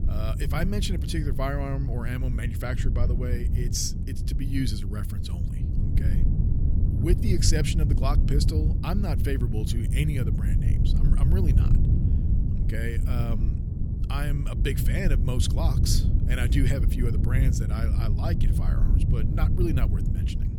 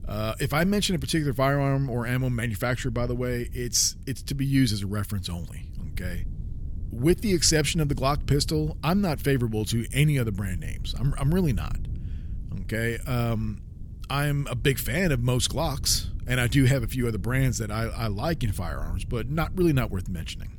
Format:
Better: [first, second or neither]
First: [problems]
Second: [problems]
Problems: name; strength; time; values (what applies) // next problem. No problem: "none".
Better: second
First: wind noise on the microphone; heavy; 5 dB below the speech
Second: wind noise on the microphone; occasional gusts; 25 dB below the speech